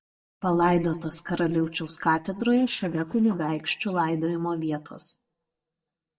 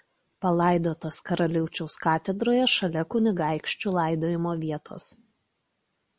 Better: second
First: noise reduction (neural mask model DeepFilterNet 3)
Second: none

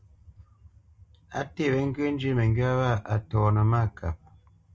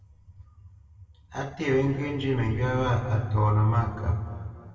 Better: first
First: none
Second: room echo; dies away in 2.1 s

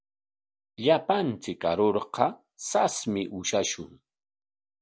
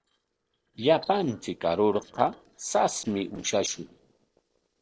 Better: first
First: none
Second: noise reduction (neural separator model SepFormer DNS4)

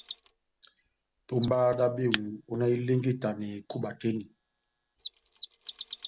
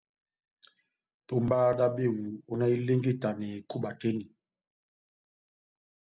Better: second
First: background sound (Mechanisms); 14 dB below the speech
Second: none

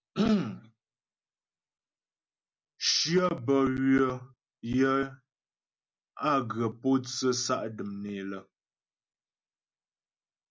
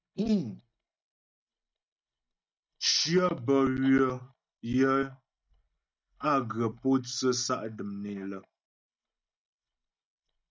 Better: first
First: none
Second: noise reduction (neural mask model DeepFilterNet 3)

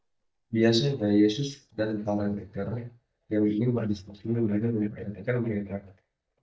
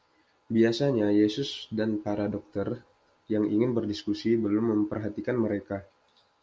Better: second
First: noise reduction (neural mask model DeepFilterNet 3)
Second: none

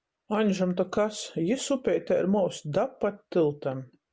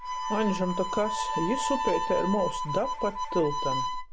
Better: first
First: none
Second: background sound (Harmonica); 1 dB below the speech

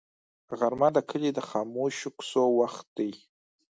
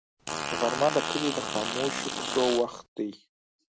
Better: first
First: none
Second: background sound (Fart); 2 dB below the speech

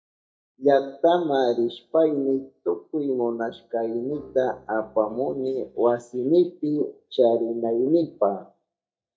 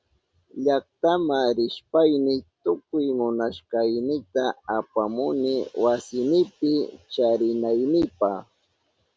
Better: second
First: noise reduction (neural mask model DeepFilterNet 3)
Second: none

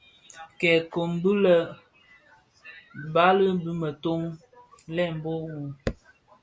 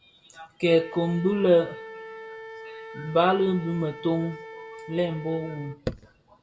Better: first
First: none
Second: background sound (Wind instrument, woodwind instrument); 15 dB below the speech // room echo; dies away in 0.4 s

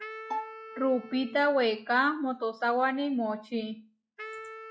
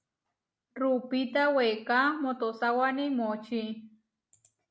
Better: second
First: noise reduction (classical method log-MMSE)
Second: none

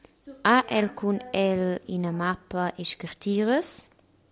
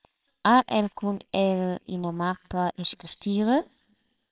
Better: first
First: none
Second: noise reduction (neural separator model SepFormer WHAMR!)

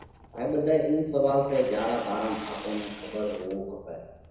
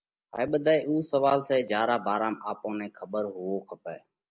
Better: second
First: background sound (Tearing); 18 dB below the speech // room echo; dies away in 1 s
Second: none

